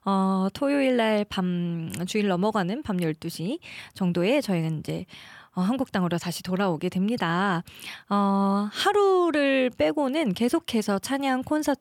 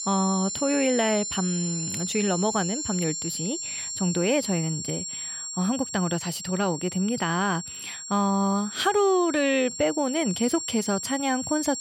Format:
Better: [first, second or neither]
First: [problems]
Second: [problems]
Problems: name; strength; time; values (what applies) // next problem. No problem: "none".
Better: first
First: none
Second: high-pitched whine; loud; throughout; 7.5 kHz, 5 dB below the speech